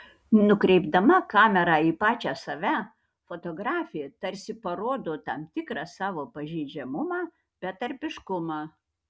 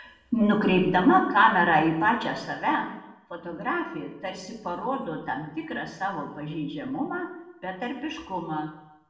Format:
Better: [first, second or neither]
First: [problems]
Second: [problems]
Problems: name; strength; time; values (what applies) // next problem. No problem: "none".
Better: first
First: none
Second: room echo; dies away in 0.8 s